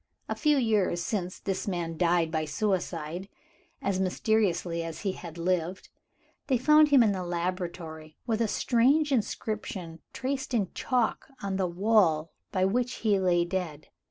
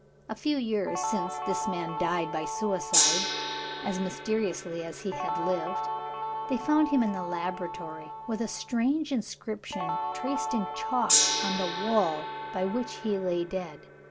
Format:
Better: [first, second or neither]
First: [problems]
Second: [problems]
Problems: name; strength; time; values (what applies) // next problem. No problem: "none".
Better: first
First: none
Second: background sound (Gong + Guitar); 1 dB below the speech